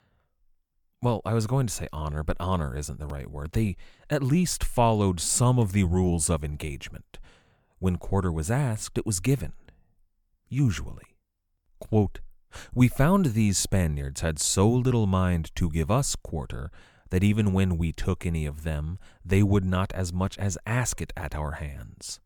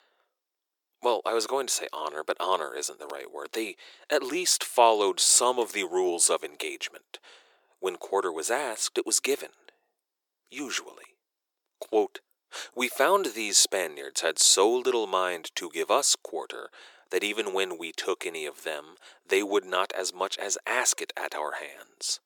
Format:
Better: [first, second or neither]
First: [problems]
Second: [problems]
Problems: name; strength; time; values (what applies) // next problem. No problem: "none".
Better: first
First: none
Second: thin; very; fading below 350 Hz